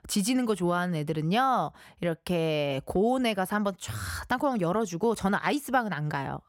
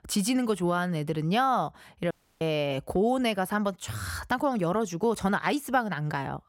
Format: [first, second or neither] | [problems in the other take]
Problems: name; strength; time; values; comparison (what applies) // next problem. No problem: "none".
first | audio cutting out; at 2 s